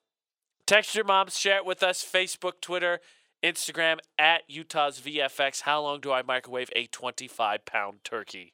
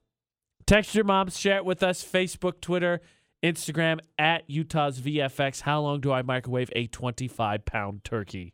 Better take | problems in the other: second | thin; very; fading below 550 Hz

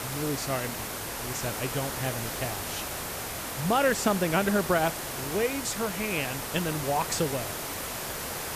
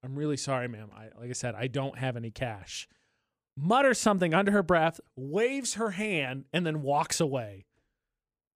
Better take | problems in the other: second | hiss; loud; throughout; 4 dB below the speech

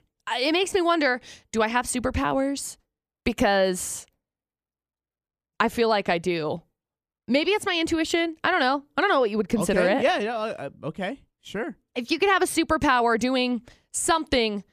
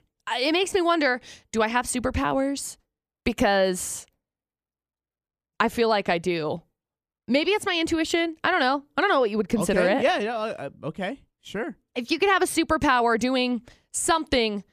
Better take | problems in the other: neither | none

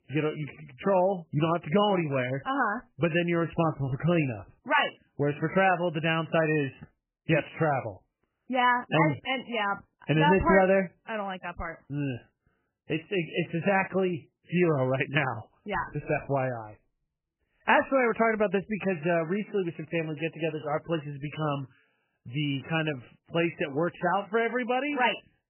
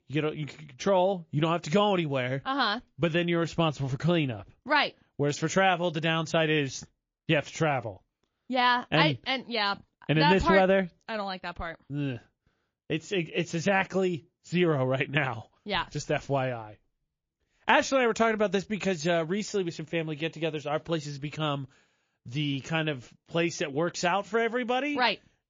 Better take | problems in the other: second | garbled, watery; badly; nothing above 3 kHz; slightly in the second

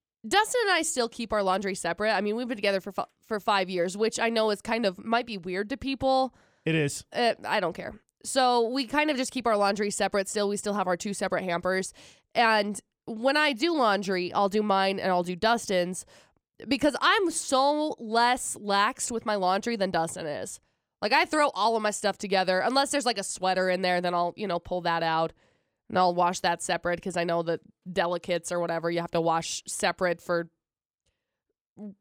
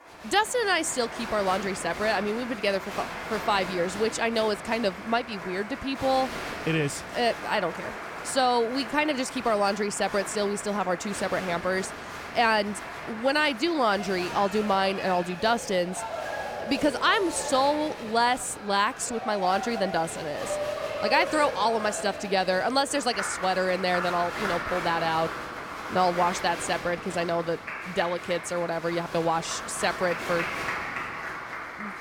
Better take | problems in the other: first | crowd noise; loud; throughout; 8 dB below the speech

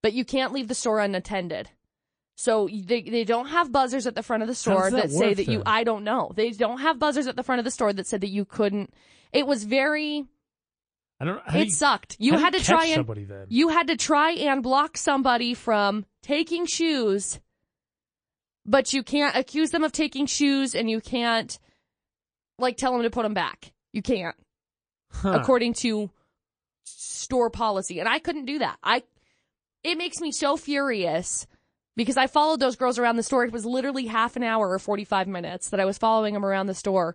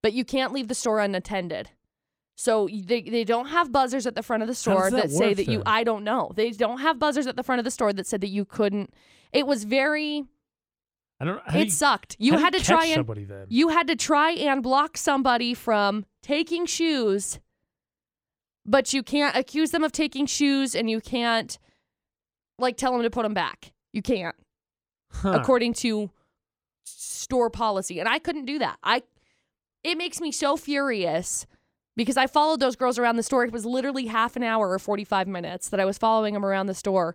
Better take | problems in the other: second | garbled, watery; slightly; nothing above 9.5 kHz

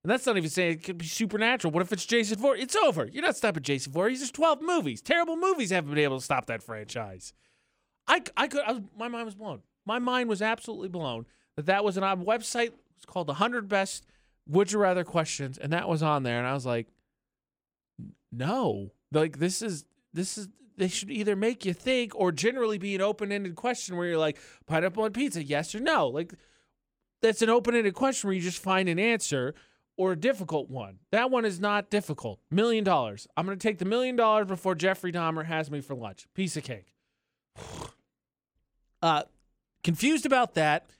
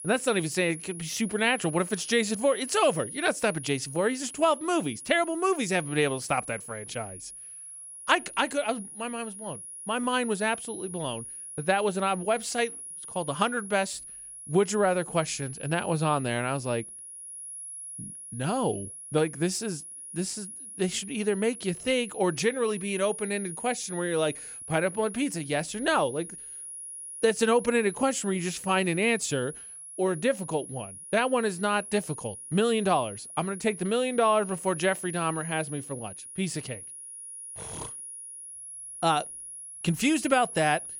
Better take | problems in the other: first | high-pitched whine; noticeable; throughout; 10.5 kHz, 10 dB below the speech

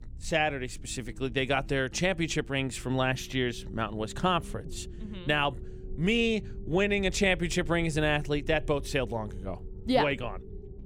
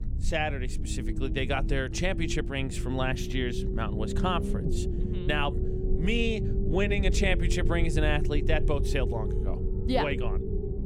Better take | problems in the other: first | low rumble; loud; throughout; 8 dB below the speech; faint in the first

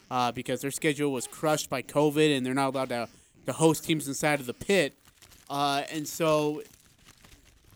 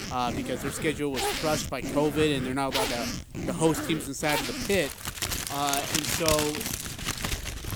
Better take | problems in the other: first | household noises; loud; throughout; 2 dB below the speech; faint in the first

